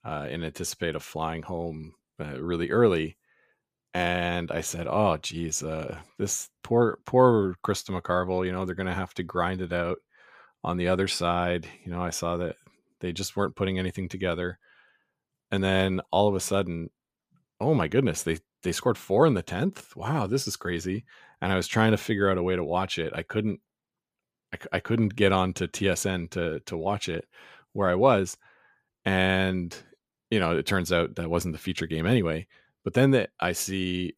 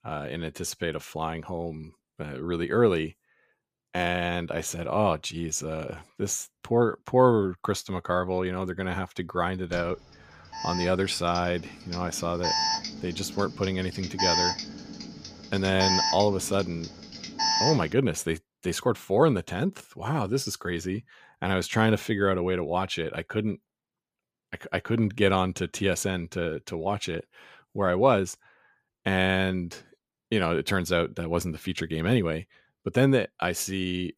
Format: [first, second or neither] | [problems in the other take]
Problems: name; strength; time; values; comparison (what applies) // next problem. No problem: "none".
first | alarm; loud; from 9.5 to 18 s; peak 4 dB above the speech